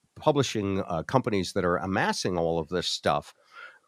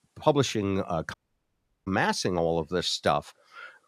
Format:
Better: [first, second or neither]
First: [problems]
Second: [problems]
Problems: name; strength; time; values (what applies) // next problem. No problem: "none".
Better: first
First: none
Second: audio cutting out; at 1 s for 0.5 s